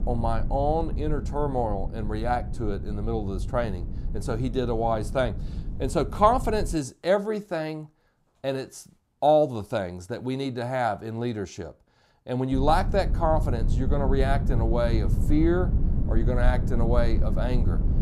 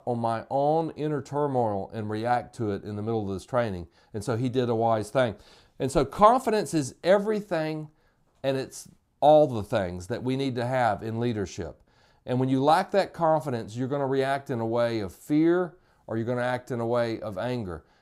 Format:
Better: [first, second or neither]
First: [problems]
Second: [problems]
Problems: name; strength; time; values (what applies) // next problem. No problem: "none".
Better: second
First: low rumble; noticeable; until 6.5 s and from 13 s on; 15 dB below the speech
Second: none